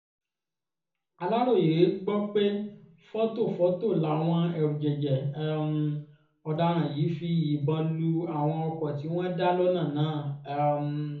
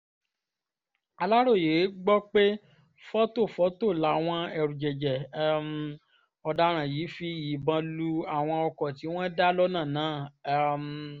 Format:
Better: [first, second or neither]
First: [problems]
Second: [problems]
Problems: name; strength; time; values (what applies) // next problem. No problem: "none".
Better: second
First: room echo; dies away in 0.6 s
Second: none